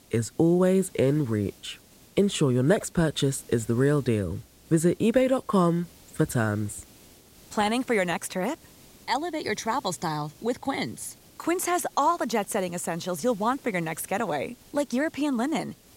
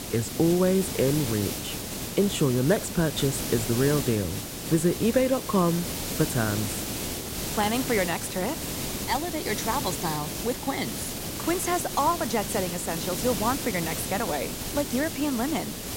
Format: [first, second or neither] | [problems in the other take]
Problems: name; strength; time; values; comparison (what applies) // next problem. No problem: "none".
first | hiss; loud; throughout; 4 dB below the speech; faint in the first